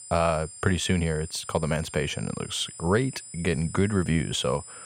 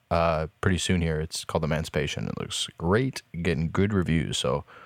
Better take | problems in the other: second | high-pitched whine; noticeable; throughout; 9 kHz, 15 dB below the speech

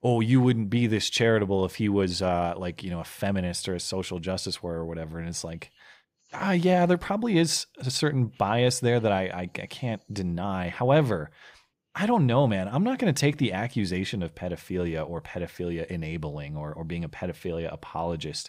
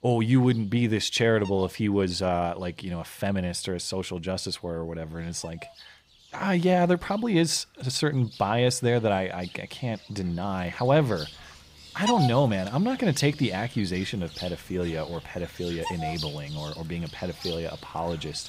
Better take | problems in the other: first | animal sounds; noticeable; throughout; 10 dB below the speech

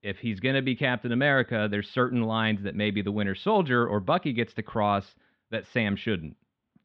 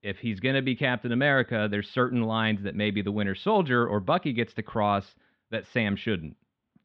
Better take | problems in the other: neither | muffled; very; fading above 3.5 kHz; the same in both

